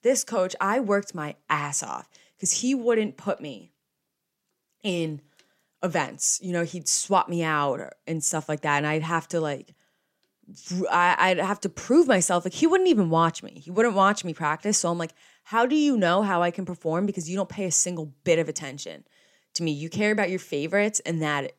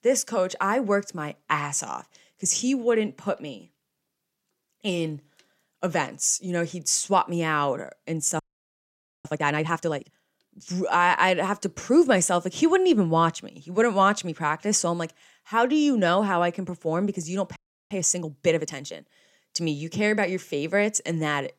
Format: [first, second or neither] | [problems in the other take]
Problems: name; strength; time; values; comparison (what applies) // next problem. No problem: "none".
first | audio freezing; at 8.5 s for 1 s and at 18 s